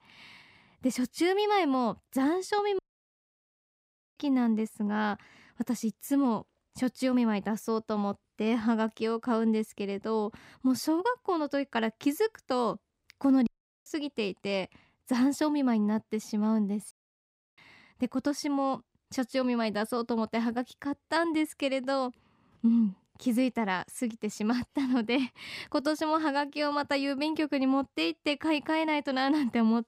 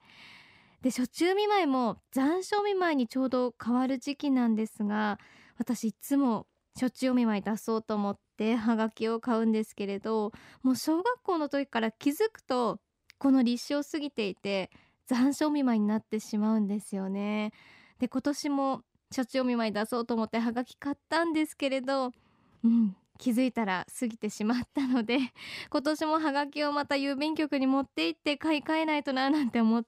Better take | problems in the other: second | audio cutting out; at 3 s for 1.5 s, at 13 s and at 17 s for 0.5 s

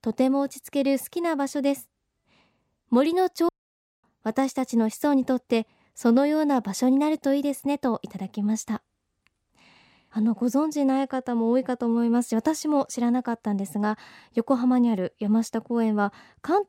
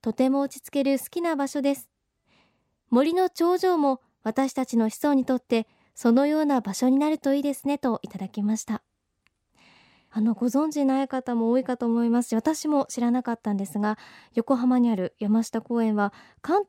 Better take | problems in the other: second | audio cutting out; at 3.5 s for 0.5 s

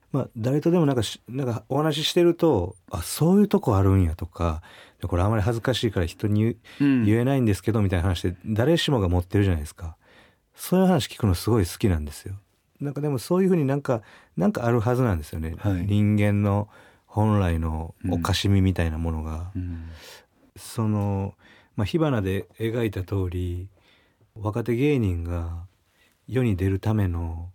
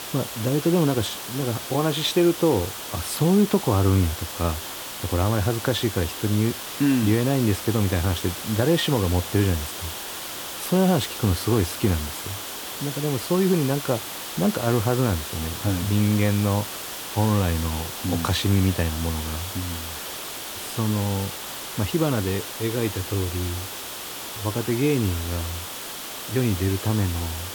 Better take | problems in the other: first | hiss; loud; throughout; 7 dB below the speech

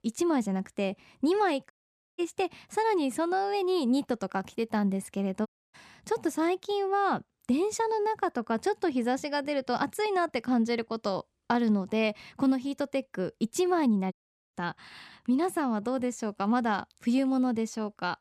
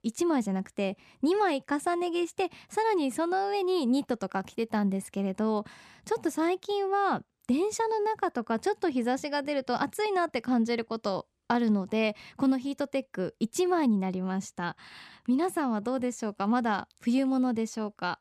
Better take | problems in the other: second | audio cutting out; at 1.5 s, at 5.5 s and at 14 s

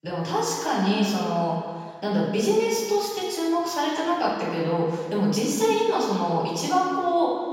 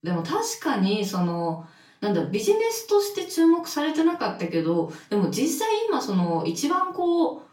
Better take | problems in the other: second | room echo; strong; dies away in 1.7 s; slight in the second // off-mic speech; far; far in the second

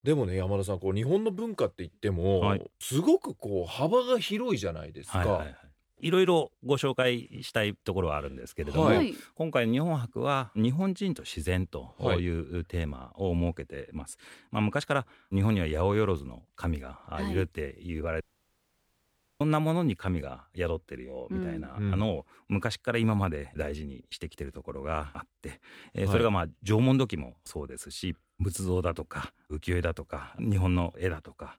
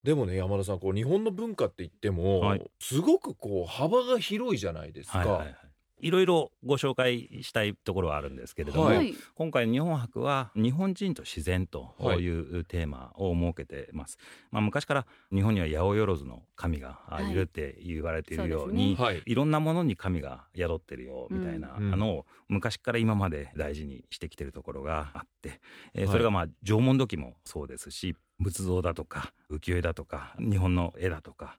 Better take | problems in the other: second | audio cutting out; at 18 s for 1 s

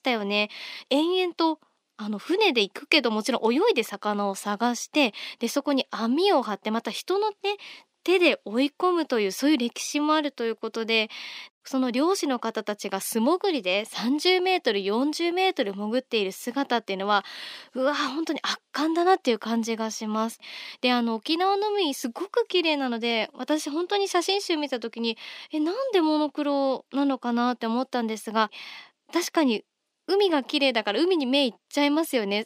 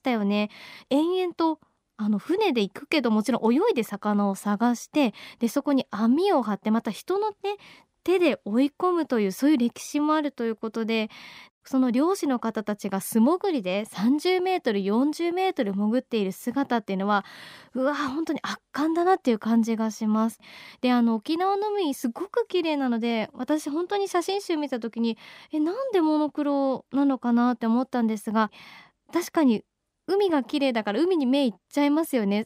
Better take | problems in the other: second | thin; very slightly; fading below 350 Hz

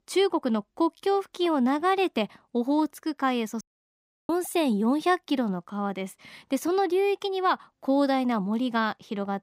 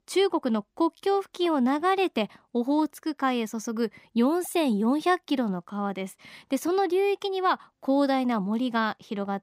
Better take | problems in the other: second | audio cutting out; at 3.5 s for 0.5 s

